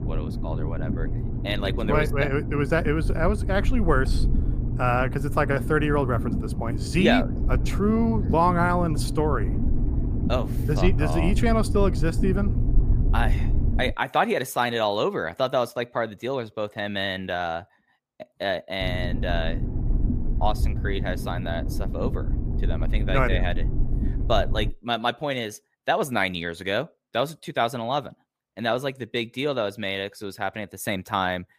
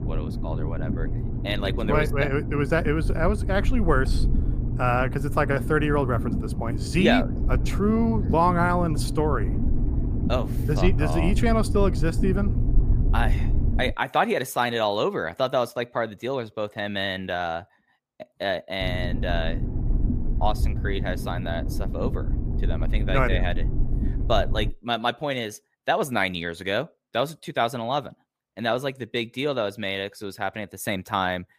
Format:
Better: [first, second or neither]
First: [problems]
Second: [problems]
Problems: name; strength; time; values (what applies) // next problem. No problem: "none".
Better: neither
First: low rumble; noticeable; until 14 s and from 19 to 25 s; 10 dB below the speech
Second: low rumble; noticeable; until 14 s and from 19 to 25 s; 10 dB below the speech